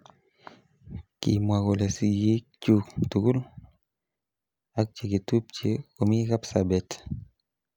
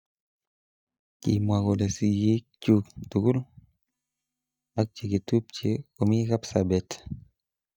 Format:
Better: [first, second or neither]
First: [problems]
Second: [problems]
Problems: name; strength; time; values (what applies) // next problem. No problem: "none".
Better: first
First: none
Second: noise reduction (neural mask model DeepFilterNet 3)